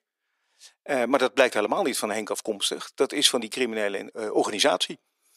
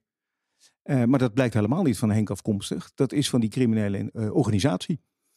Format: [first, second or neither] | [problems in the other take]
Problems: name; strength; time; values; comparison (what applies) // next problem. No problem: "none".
second | thin; very; fading below 450 Hz